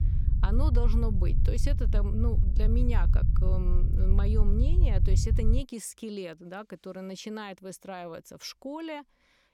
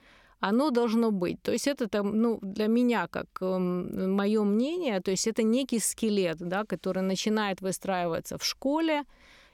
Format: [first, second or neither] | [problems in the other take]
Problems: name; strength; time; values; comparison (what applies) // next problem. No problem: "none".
second | low rumble; loud; until 5.5 s; 6 dB below the speech